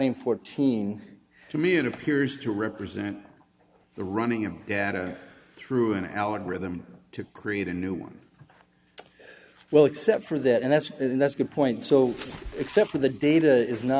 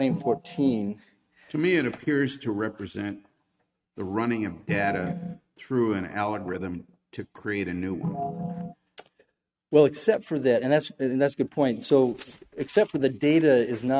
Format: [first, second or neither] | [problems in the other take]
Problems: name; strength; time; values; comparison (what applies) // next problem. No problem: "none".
first | noise reduction (neural mask model RNNoise)